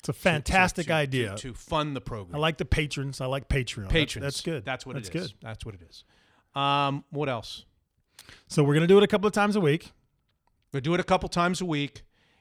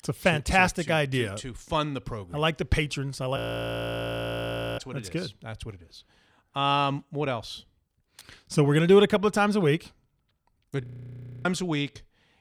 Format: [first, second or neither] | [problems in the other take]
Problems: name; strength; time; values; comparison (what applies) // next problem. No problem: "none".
first | audio freezing; at 3.5 s for 1.5 s and at 11 s for 0.5 s